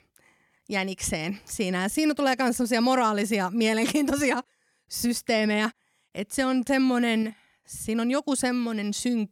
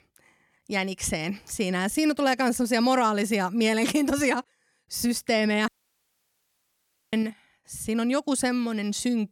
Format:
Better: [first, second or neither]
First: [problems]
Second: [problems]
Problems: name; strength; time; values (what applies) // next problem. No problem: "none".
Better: first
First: none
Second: audio cutting out; at 5.5 s for 1.5 s